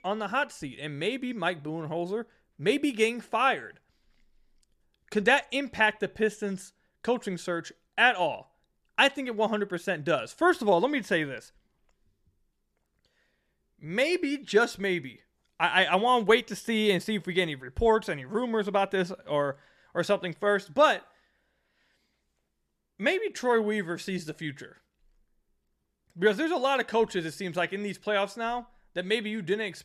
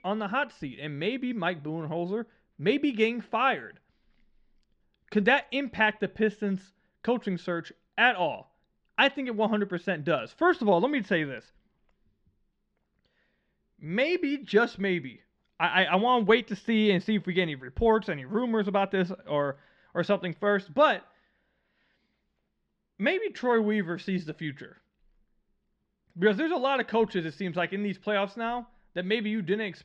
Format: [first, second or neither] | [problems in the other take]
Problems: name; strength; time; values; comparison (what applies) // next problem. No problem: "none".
first | muffled; very slightly; fading above 4 kHz